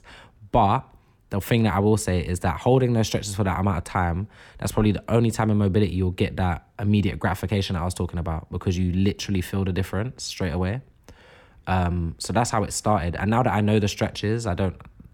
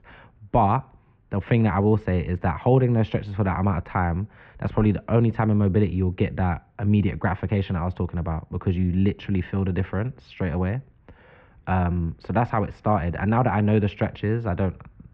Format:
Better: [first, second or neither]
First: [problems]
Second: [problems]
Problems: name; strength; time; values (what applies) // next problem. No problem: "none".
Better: first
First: none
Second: muffled; very; fading above 2.5 kHz